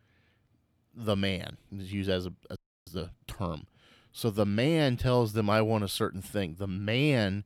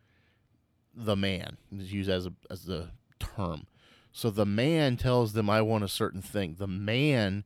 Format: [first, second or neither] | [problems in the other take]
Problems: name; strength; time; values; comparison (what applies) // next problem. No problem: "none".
second | audio freezing; at 2.5 s